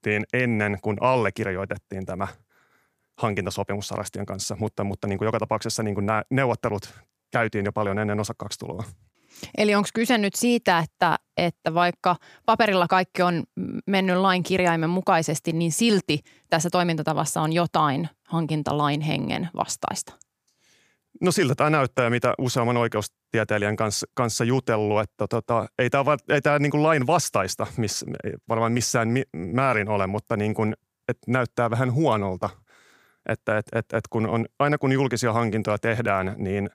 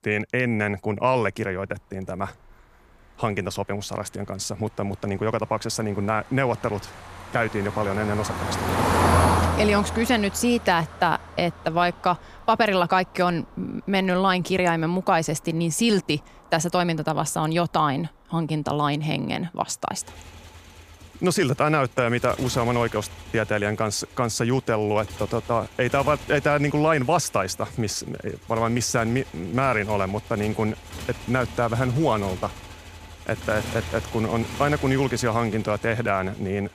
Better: first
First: none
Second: traffic noise; loud; throughout; 6 dB below the speech

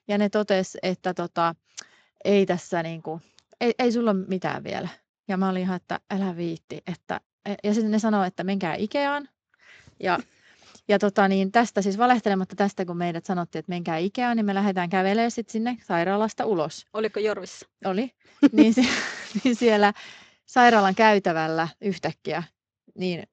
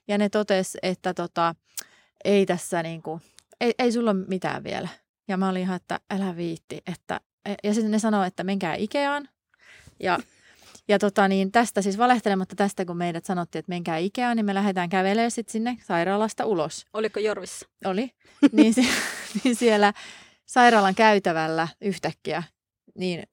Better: second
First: garbled, watery; slightly; nothing above 7.5 kHz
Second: none

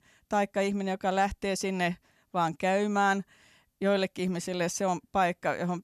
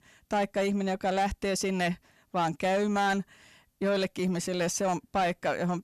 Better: first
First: none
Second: distortion; slight; 10 dB below the speech

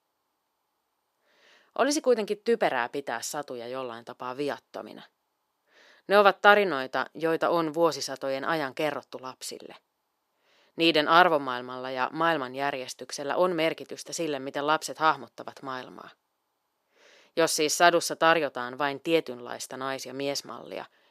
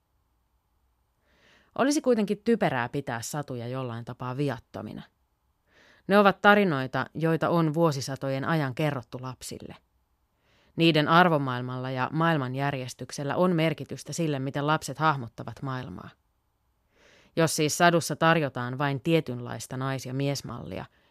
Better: second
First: thin; somewhat; fading below 400 Hz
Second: none

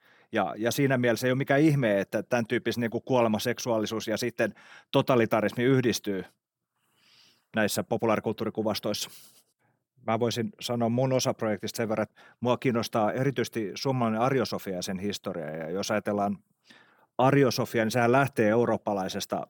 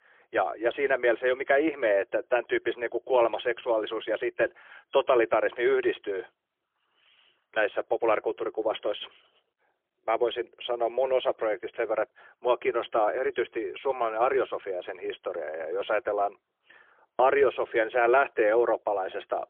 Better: first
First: none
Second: phone-call audio; poor line; nothing above 3.5 kHz

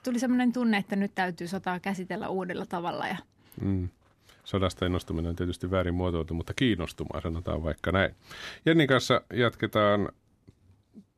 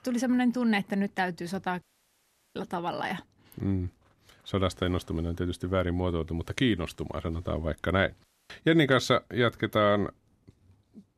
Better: first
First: none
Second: audio cutting out; at 2 s for 0.5 s and at 8 s

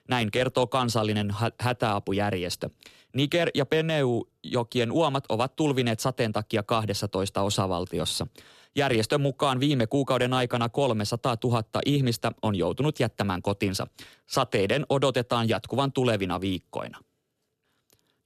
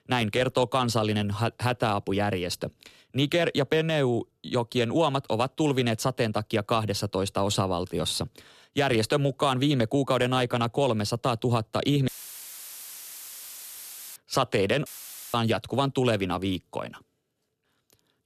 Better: first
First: none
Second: audio cutting out; filled with static; at 12 s for 2 s and at 15 s

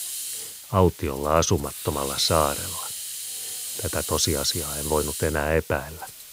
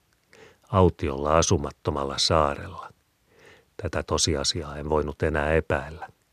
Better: second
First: hiss; loud; throughout; 6 dB below the speech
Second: none

